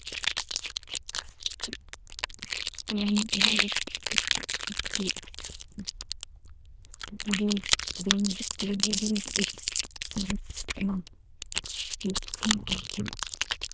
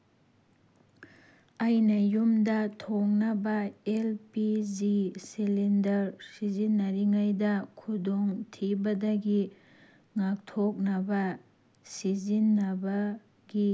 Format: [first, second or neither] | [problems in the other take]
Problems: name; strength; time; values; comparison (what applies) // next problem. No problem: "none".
second | noise reduction (neural diffusion model UNIVERSE++)